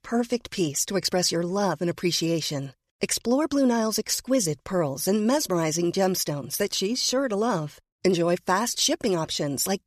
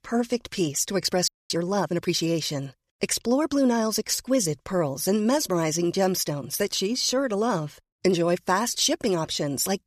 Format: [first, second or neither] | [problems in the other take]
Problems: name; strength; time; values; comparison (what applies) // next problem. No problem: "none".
first | audio freezing; at 1.5 s